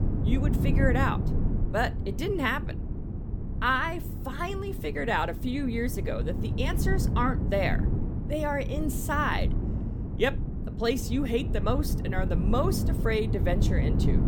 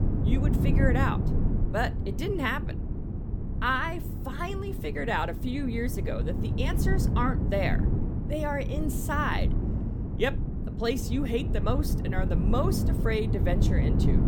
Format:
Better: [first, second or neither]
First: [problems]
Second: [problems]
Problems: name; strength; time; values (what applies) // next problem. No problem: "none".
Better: first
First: wind noise on the microphone; occasional gusts; 10 dB below the speech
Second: wind noise on the microphone; heavy; 8 dB below the speech